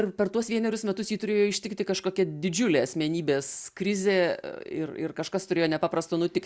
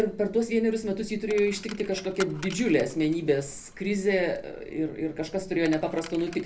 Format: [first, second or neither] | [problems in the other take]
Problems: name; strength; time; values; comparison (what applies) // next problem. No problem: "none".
first | background sound (Coin (dropping)); 17 dB below the speech // room echo; dies away in 0.3 s